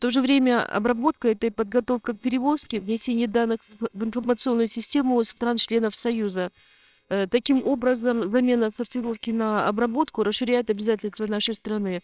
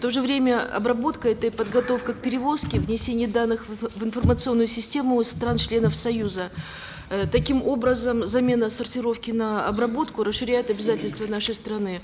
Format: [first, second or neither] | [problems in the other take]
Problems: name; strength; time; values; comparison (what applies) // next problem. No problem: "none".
second | noise reduction (neural separator model SepFormer WHAMR!)